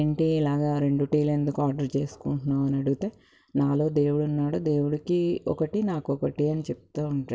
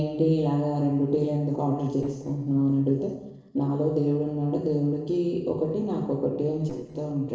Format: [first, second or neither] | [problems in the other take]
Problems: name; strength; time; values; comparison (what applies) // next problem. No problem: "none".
first | noise reduction (neural separator model SepFormer DNS4)